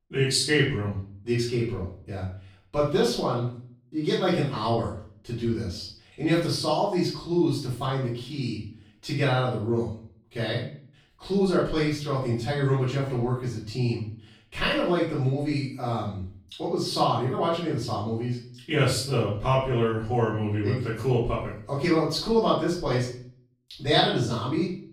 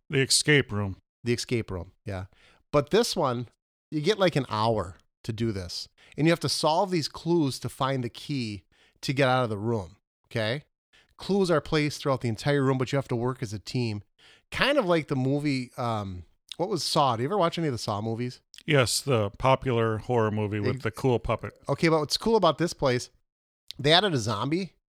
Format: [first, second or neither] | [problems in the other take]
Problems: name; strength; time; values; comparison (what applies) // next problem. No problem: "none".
second | off-mic speech; far // room echo; noticeable; dies away in 0.5 s